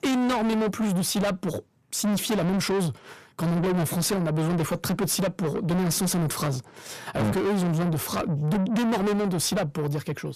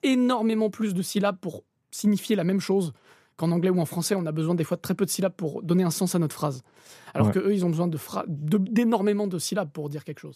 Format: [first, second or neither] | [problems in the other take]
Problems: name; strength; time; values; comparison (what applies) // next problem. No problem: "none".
second | distortion; heavy; 6 dB below the speech